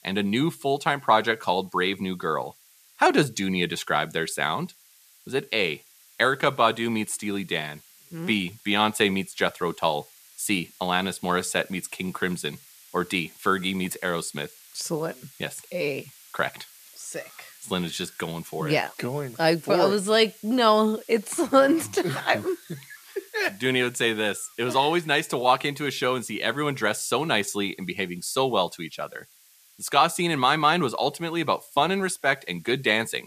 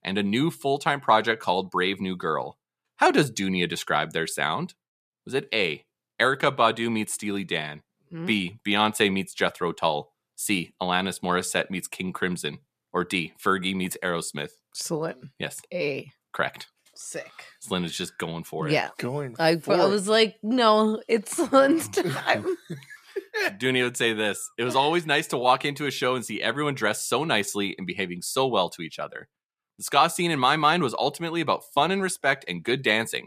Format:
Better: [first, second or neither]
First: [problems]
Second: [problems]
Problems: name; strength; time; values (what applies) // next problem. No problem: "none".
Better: second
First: hiss; faint; throughout; 25 dB below the speech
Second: none